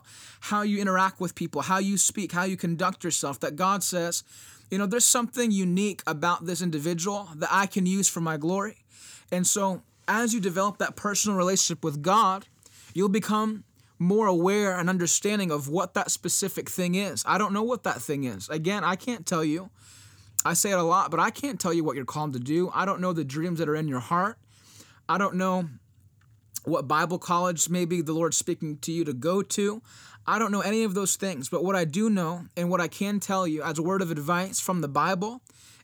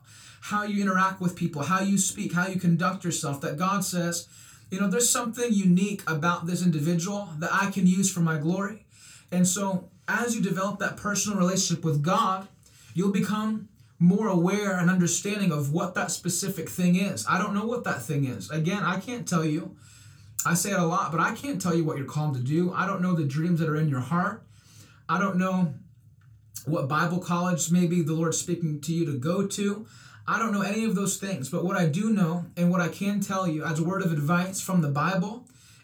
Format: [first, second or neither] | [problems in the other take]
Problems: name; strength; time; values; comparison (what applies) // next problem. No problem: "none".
first | off-mic speech; somewhat distant // room echo; very slight; dies away in 0.2 s